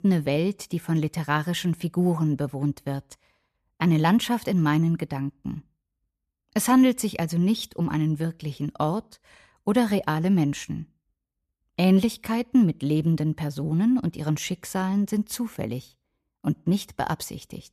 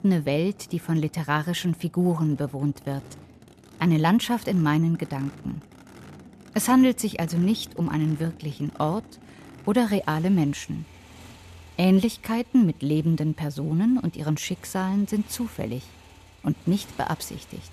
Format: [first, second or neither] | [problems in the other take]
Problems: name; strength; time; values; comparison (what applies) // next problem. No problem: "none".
first | traffic noise; faint; throughout; 25 dB below the speech